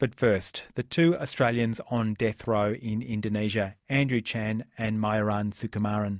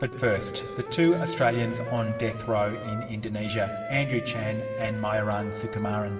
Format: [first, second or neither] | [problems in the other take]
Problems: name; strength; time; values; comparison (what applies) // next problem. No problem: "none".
first | background sound (Wind instrument, woodwind instrument); 9 dB below the speech // room echo; dies away in 2.4 s